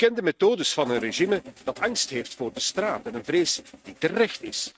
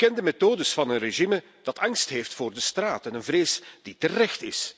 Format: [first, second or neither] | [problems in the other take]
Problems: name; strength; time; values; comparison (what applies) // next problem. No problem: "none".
second | noise reduction (neural mask model RNNoise)